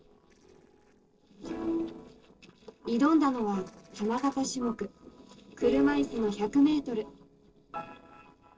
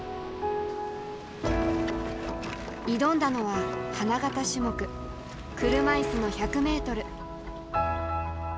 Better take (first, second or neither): second